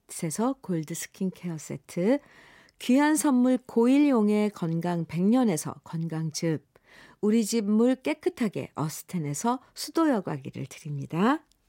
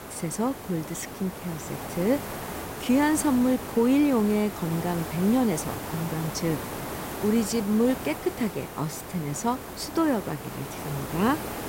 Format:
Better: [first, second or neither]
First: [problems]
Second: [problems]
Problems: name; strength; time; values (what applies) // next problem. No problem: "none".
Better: first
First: none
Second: hiss; loud; throughout; 9 dB below the speech